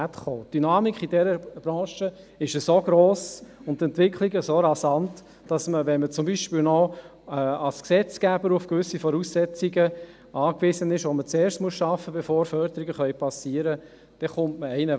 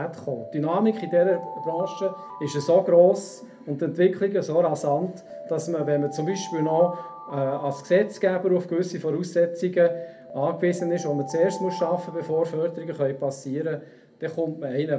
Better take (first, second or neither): first